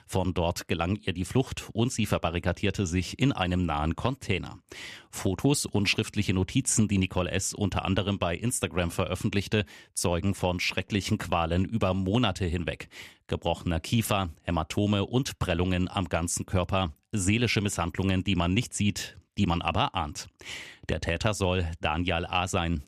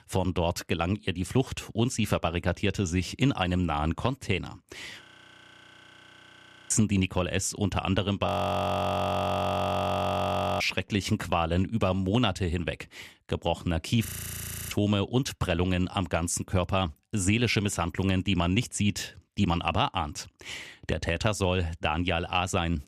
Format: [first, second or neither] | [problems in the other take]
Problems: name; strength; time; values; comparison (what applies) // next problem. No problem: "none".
first | audio freezing; at 5 s for 1.5 s, at 8.5 s for 2.5 s and at 14 s for 0.5 s